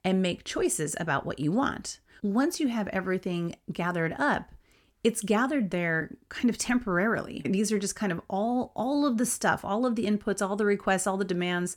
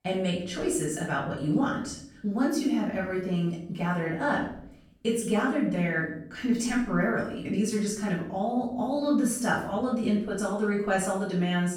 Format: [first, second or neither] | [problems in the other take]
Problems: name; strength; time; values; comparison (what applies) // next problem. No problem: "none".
first | off-mic speech; far // room echo; noticeable; dies away in 0.6 s